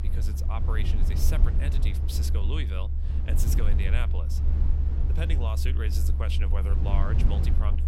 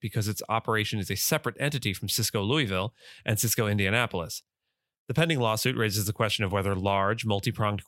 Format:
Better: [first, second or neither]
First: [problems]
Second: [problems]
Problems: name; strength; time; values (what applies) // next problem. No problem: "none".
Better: second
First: low rumble; loud; throughout; 4 dB below the speech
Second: none